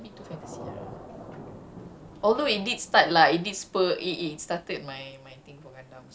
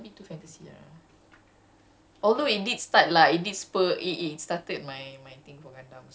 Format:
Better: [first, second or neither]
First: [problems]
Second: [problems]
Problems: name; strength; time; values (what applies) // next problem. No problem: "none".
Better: second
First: background sound (Thunder / Rain); 18 dB below the speech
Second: none